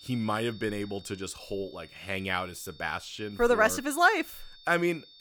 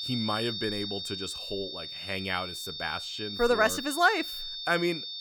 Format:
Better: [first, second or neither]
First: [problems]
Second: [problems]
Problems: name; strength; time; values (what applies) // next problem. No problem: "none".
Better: first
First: high-pitched whine; faint; throughout; 3.5 kHz, 20 dB below the speech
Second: high-pitched whine; loud; throughout; 3.5 kHz, 5 dB below the speech